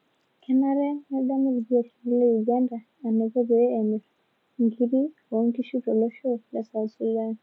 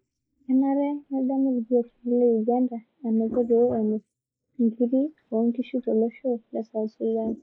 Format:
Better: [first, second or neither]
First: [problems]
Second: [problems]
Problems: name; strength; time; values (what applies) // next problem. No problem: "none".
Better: first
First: none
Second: noise reduction (neural mask model Resemble Enhance denoiser)